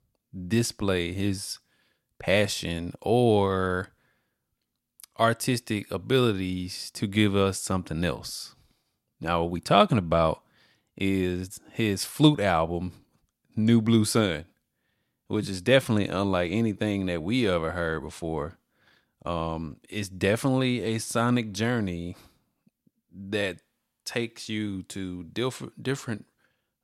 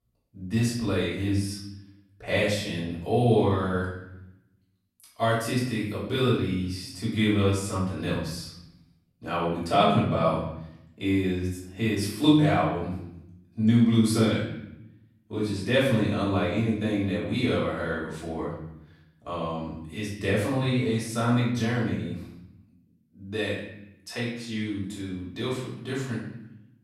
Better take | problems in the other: first | off-mic speech; far // room echo; noticeable; dies away in 0.8 s

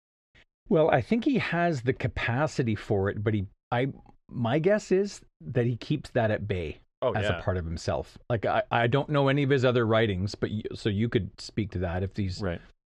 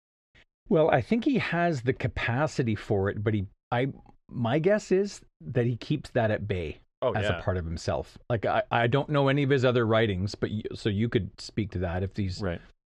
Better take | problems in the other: neither | muffled; slightly; fading above 4 kHz; the same in both

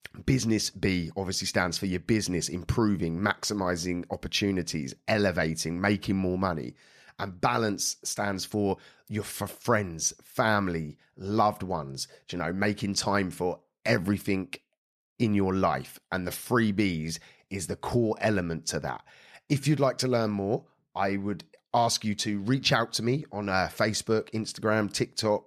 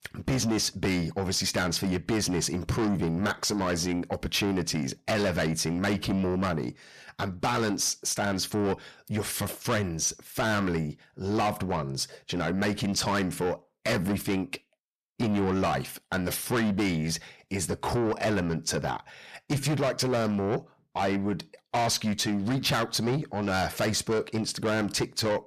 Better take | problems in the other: first | distortion; heavy; 6 dB below the speech

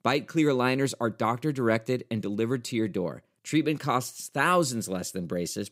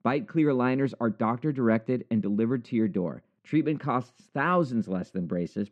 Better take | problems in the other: first | muffled; very; fading above 2 kHz

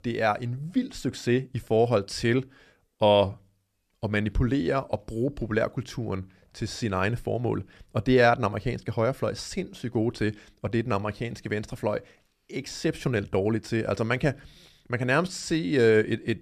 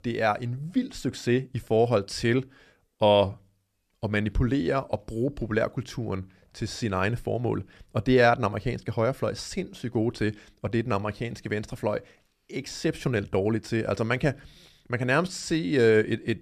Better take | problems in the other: neither | none

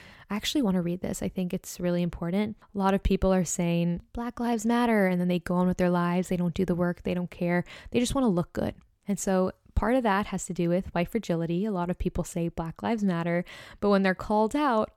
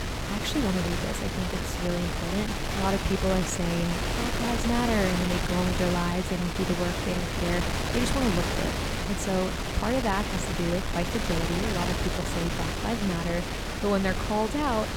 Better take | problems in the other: first | wind noise on the microphone; heavy; 1 dB above the speech

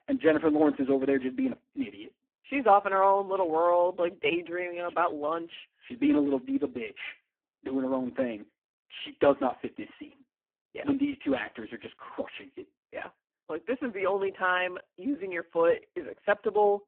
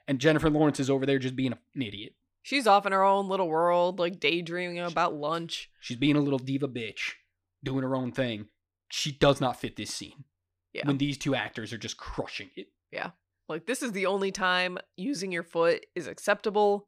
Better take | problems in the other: second | phone-call audio; poor line

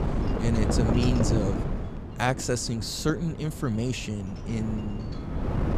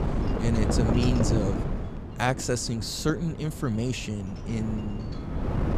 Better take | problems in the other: neither | wind noise on the microphone; heavy; 4 dB below the speech; the same in both

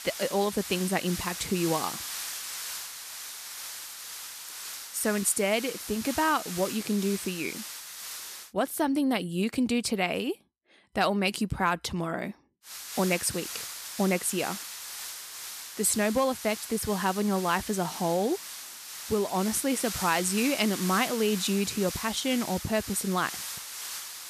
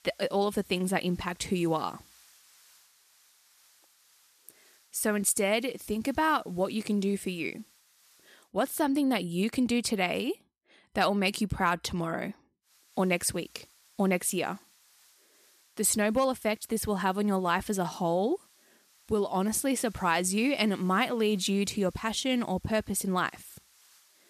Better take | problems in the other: second | hiss; loud; until 8.5 s and from 13 s on; 8 dB below the speech; faint in the second

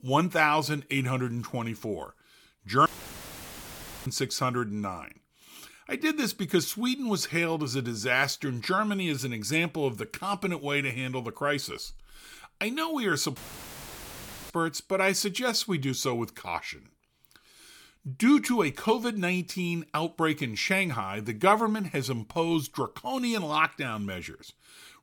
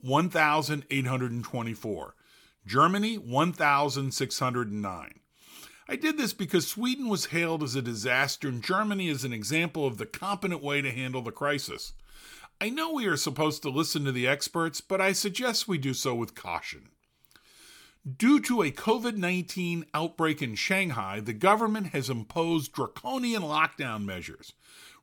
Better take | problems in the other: second | audio cutting out; filled with static; at 3 s for 1 s and at 13 s for 1 s

